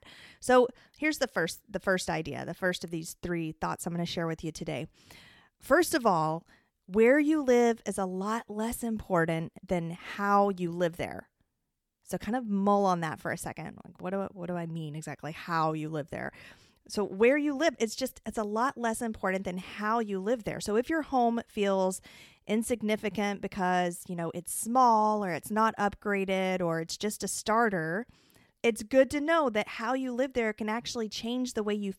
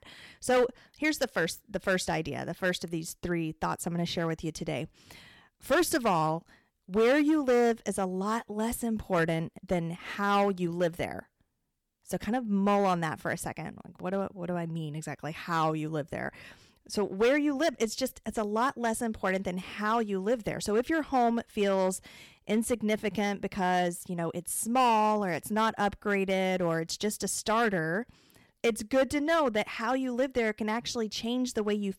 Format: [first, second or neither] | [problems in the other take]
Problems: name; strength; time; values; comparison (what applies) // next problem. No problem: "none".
first | distortion; slight; 4% of the sound clipped